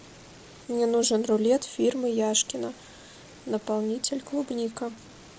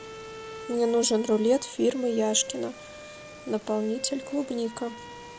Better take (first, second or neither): first